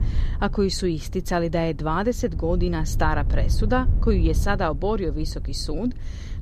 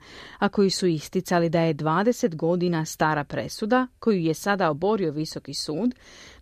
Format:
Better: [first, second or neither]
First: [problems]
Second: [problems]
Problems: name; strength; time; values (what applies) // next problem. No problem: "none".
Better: second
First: low rumble; noticeable; throughout; 20 dB below the speech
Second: none